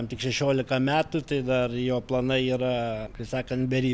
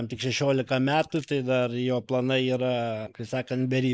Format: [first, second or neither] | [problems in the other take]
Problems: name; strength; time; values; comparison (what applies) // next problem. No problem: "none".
first | noise reduction (neural mask model Resemble Enhance denoiser)